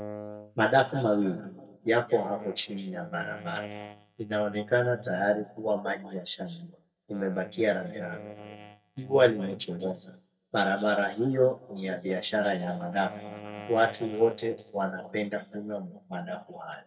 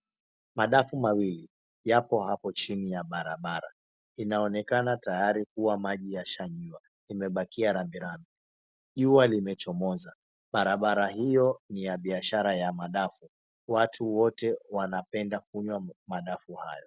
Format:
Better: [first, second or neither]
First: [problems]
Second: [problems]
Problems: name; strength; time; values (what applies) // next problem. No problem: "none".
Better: second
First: noise reduction (neural mask model DeepFilterNet 3)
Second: none